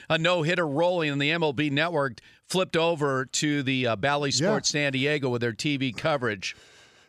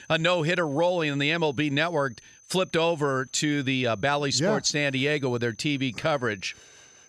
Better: first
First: none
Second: high-pitched whine; faint; throughout; 6 kHz, 25 dB below the speech

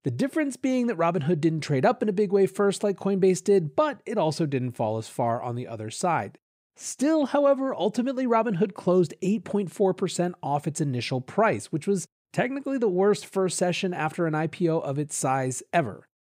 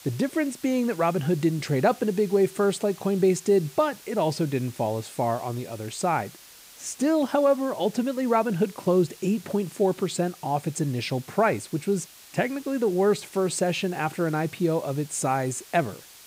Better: first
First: none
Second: hiss; faint; throughout; 20 dB below the speech

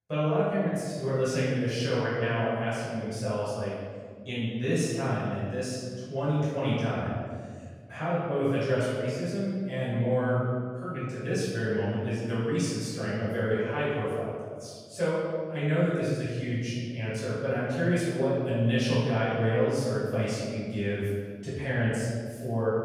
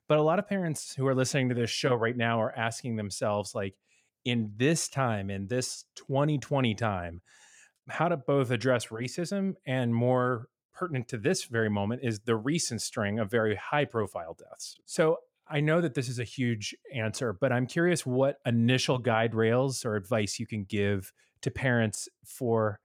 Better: second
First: off-mic speech; far // room echo; strong; dies away in 1.8 s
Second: none

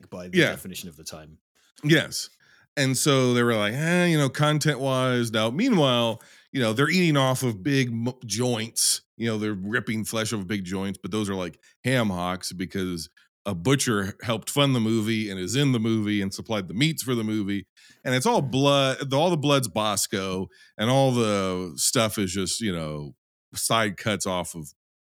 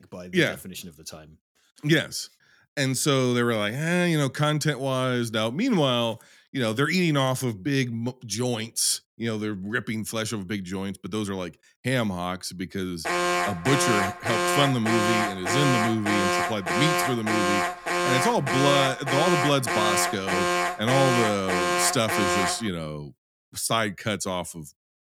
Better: first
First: none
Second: alarm; loud; from 13 to 23 s; peak 3 dB above the speech

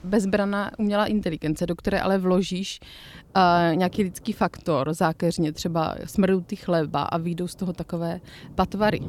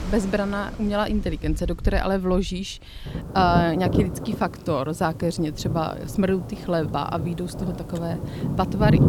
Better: first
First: rain or running water; faint; throughout; 25 dB below the speech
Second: rain or running water; loud; throughout; 5 dB below the speech

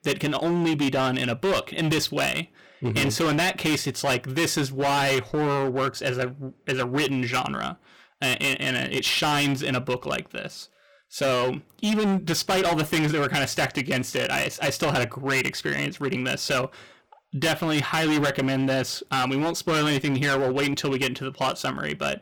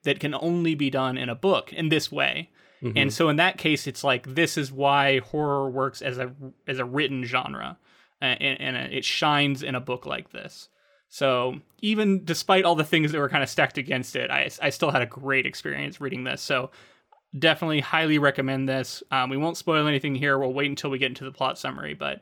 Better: second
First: distortion; heavy; 19% of the sound clipped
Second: none

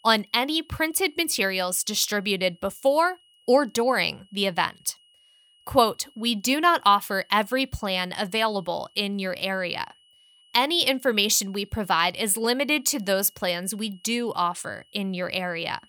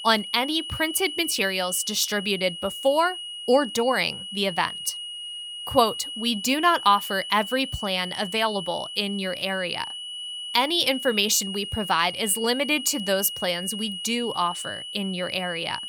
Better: first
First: high-pitched whine; faint; throughout; 3 kHz, 30 dB below the speech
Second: high-pitched whine; loud; throughout; 3 kHz, 8 dB below the speech

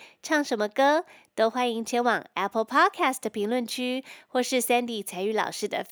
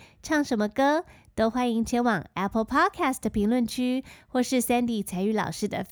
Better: second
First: thin; somewhat; fading below 400 Hz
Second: none

